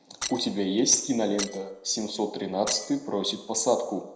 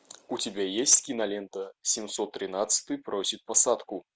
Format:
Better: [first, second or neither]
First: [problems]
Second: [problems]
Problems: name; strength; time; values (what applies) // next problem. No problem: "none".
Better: second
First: background sound (Shatter); 12 dB below the speech // room echo; dies away in 0.7 s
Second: none